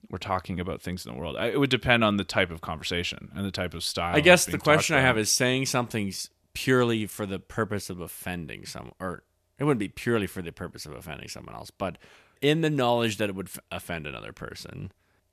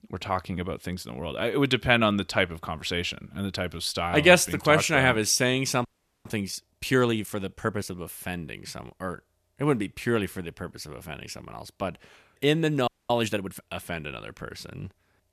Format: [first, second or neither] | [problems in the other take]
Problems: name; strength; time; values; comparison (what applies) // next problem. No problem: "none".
first | audio freezing; at 6 s and at 13 s